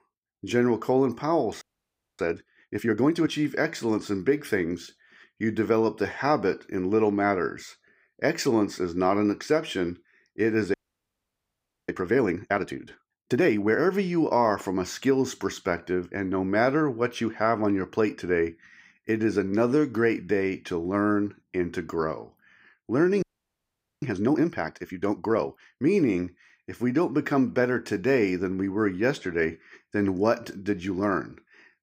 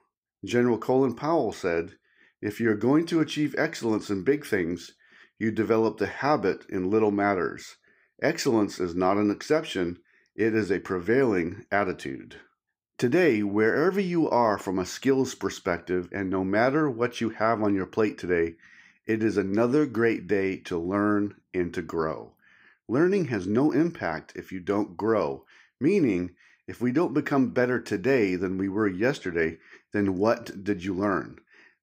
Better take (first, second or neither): second